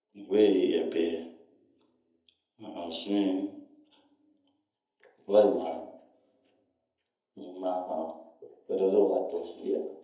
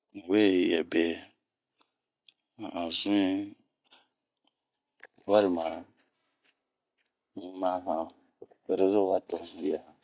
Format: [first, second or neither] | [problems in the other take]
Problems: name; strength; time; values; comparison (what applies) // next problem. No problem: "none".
second | room echo; dies away in 0.7 s